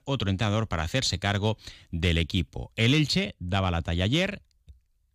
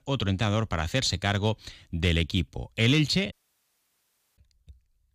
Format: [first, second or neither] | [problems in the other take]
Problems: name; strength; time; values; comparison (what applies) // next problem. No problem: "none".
first | audio cutting out; at 3.5 s for 1 s